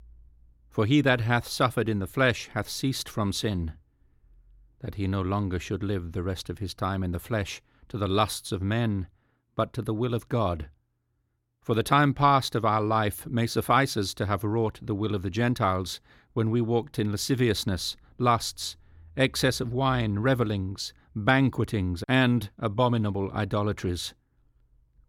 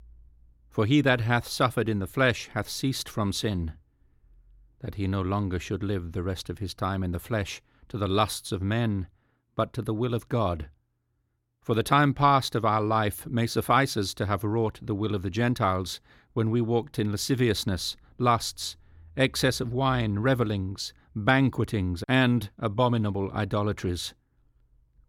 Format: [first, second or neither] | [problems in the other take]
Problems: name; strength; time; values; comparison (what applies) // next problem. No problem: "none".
neither | none